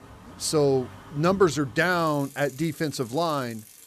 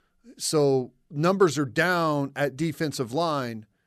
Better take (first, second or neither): second